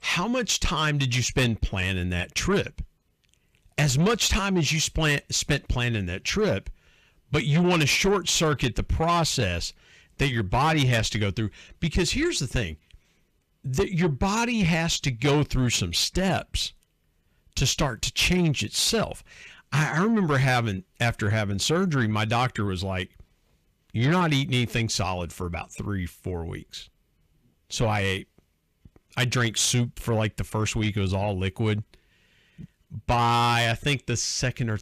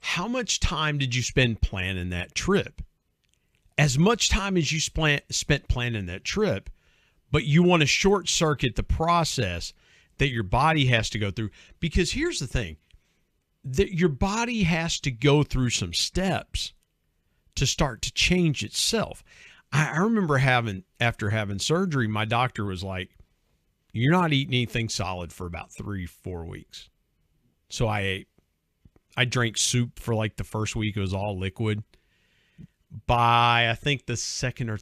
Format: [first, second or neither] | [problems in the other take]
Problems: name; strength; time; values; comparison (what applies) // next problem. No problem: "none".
second | distortion; slight; 10 dB below the speech